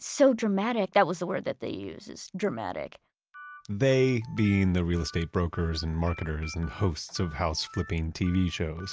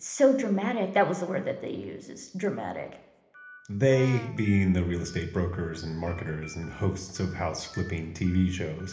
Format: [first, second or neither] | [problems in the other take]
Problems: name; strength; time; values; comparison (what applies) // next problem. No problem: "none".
first | background sound (Brass instrument); 16 dB below the speech // room echo; dies away in 1 s